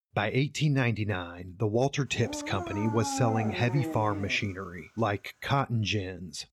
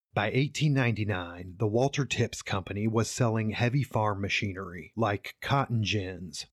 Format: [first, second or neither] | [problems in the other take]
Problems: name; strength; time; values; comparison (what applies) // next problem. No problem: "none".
second | dog barking; noticeable; from 2 to 4.5 s; peak 3 dB below the speech